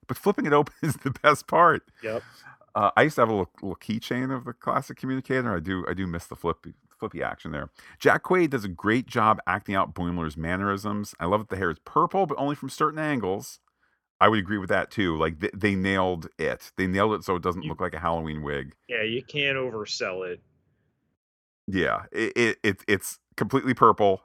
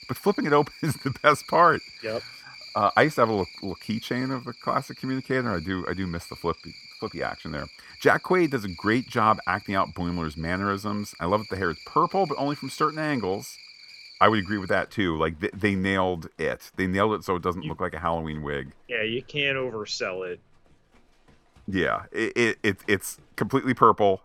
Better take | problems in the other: first | animal sounds; noticeable; throughout; 15 dB below the speech

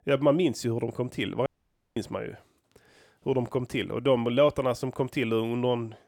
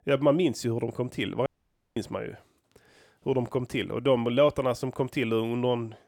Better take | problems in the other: neither | audio cutting out; at 1.5 s for 0.5 s; the same in both

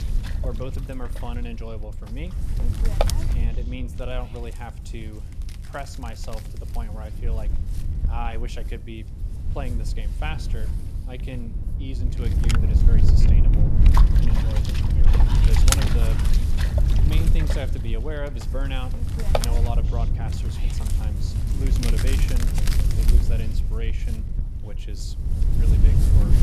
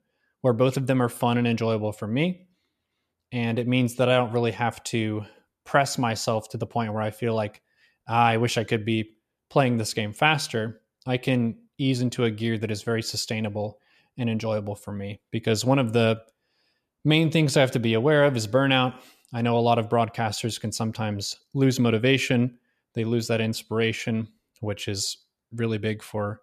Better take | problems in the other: second | wind noise on the microphone; heavy; 4 dB above the speech

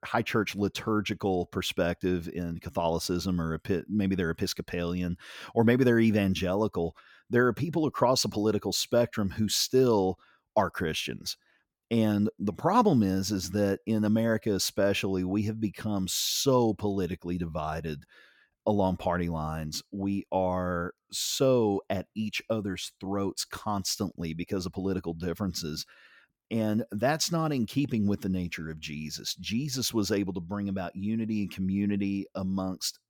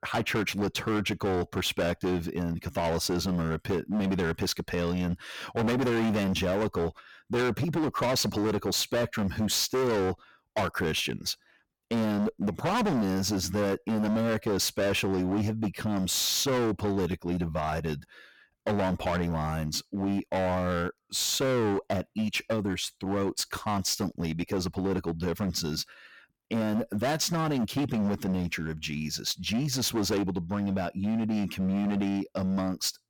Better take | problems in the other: first | distortion; heavy; 21% of the sound clipped

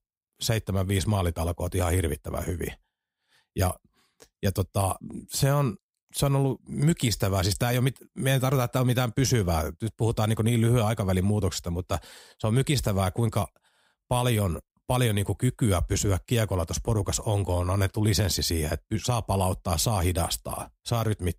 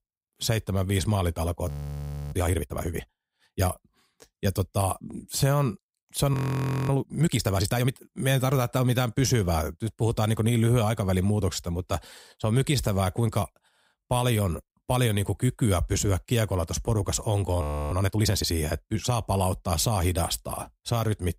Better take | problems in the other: first | audio freezing; at 1.5 s for 0.5 s, at 6.5 s for 0.5 s and at 18 s

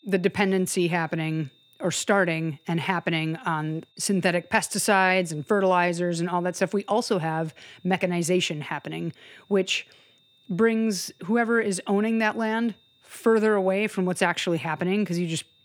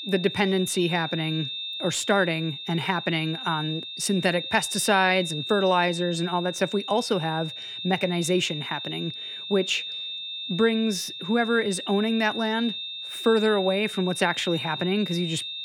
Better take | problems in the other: first | high-pitched whine; loud; throughout; 3.5 kHz, 7 dB below the speech; faint in the first

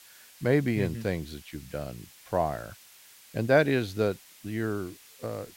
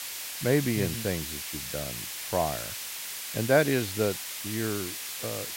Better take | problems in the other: first | hiss; loud; throughout; 5 dB below the speech; faint in the first

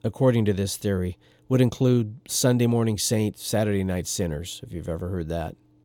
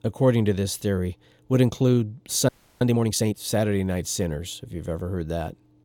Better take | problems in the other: first | audio freezing; at 2.5 s

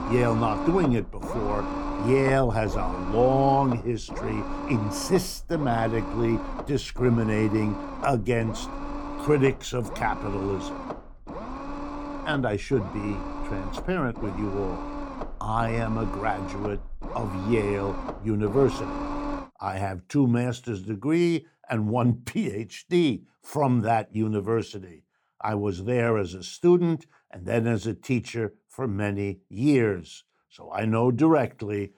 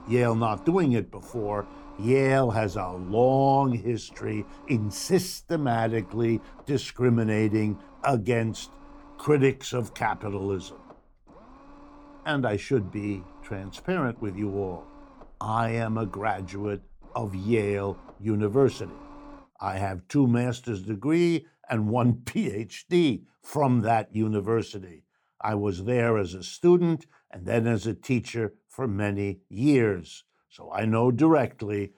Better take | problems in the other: second | low rumble; loud; until 19 s; 7 dB below the speech; faint in the second

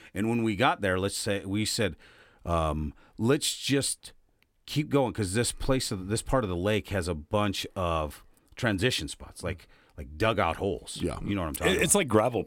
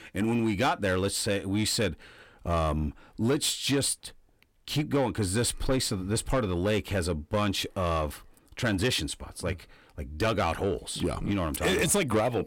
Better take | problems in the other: first | distortion; slight; 10 dB below the speech

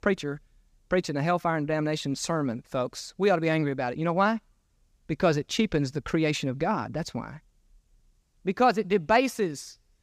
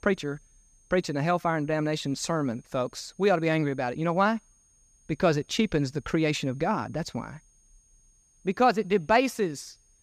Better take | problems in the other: first | high-pitched whine; faint; throughout; 6.5 kHz, 35 dB below the speech

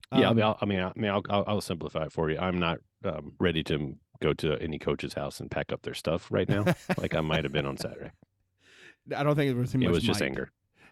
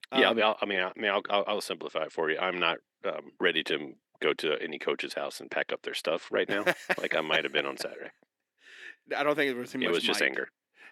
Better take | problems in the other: first | thin; somewhat; fading below 300 Hz

